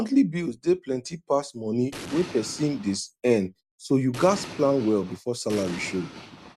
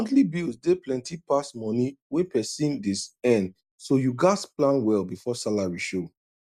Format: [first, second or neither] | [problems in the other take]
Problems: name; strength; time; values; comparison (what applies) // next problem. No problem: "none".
second | background sound (Explosion); 13 dB below the speech